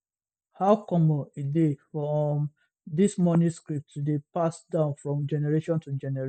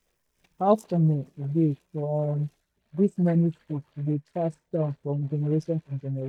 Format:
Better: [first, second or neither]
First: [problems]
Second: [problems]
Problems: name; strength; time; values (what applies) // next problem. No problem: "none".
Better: first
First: none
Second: noise reduction (neural mask model DeepFilterNet 3)